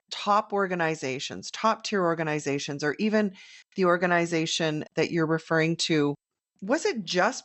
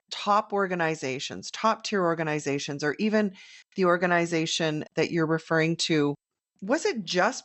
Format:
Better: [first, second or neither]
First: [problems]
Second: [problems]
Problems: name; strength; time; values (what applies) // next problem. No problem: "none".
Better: neither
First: garbled, watery; slightly; nothing above 8 kHz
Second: garbled, watery; slightly; nothing above 8 kHz